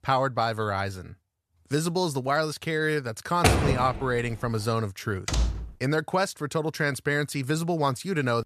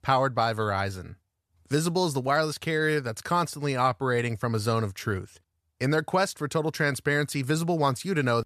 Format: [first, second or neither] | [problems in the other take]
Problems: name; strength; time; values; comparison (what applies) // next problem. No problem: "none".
second | door banging; loud; at 3.5 s; peak 5 dB above the speech // door banging; noticeable; at 5.5 s; peak 1 dB below the speech